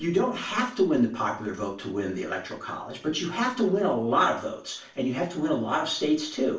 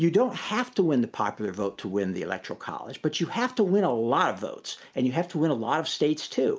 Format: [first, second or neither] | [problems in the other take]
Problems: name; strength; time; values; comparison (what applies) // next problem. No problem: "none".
second | room echo; dies away in 0.3 s